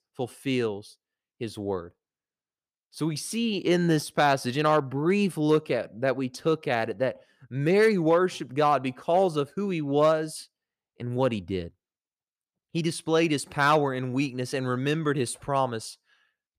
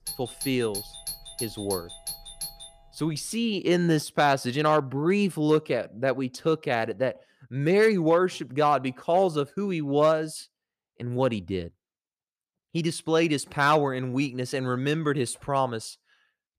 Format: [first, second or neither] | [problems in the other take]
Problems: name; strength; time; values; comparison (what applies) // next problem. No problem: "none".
first | doorbell; noticeable; until 2.5 s; peak 8 dB below the speech